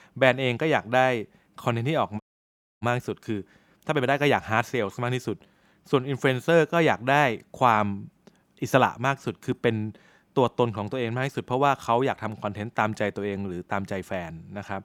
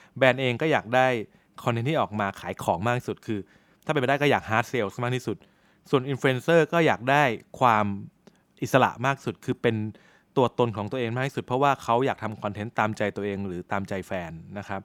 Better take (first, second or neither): second